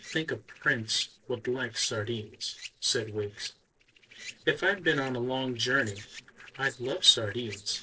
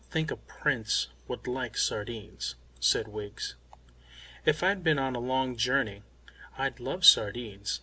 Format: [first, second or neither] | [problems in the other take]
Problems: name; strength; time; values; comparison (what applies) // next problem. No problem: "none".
second | noise reduction (neural separator model SepFormer DNS4)